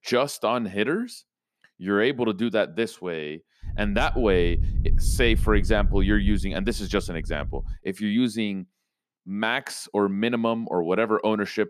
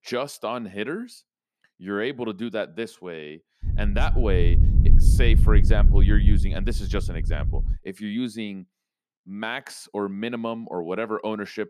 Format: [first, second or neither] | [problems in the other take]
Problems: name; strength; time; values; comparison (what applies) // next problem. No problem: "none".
first | low rumble; loud; from 3.5 to 8 s; 9 dB below the speech; faint in the first